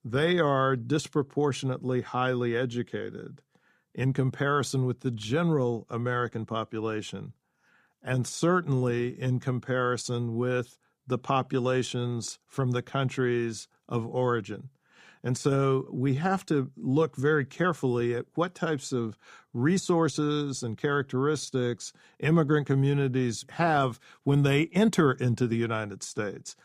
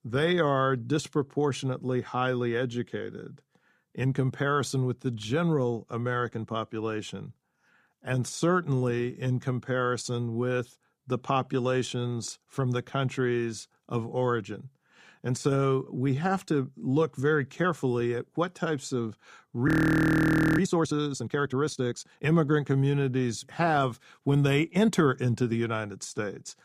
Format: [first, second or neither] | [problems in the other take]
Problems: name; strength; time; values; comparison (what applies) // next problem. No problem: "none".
first | audio freezing; at 20 s for 1 s